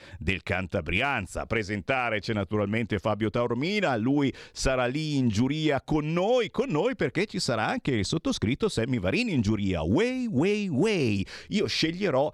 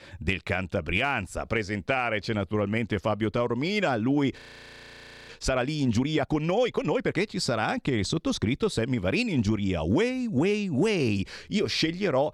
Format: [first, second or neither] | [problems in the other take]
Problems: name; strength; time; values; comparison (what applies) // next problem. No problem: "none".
first | audio freezing; at 4.5 s for 1 s